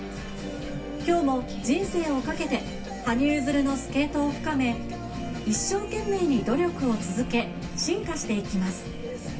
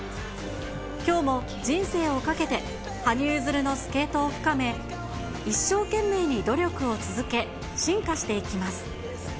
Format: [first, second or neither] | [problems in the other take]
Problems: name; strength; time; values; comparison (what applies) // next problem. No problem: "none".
second | background sound (Bowed string instrument); 12 dB below the speech // room echo; dies away in 0.2 s